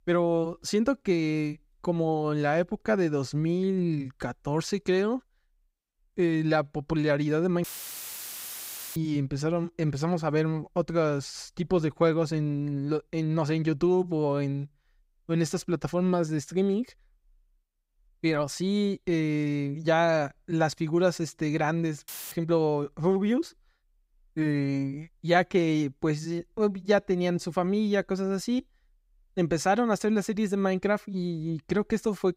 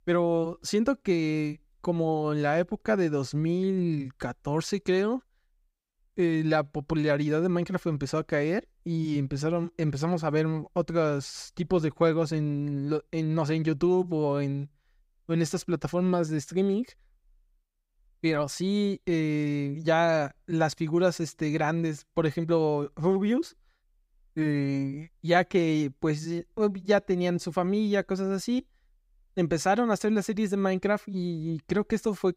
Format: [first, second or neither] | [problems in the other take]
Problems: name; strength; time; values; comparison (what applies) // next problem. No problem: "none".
second | audio cutting out; filled with static; at 7.5 s for 1.5 s and at 22 s